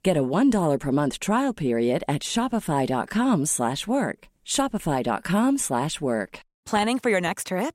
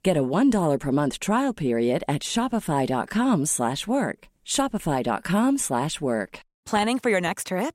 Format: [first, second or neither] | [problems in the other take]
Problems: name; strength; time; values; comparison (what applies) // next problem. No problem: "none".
neither | none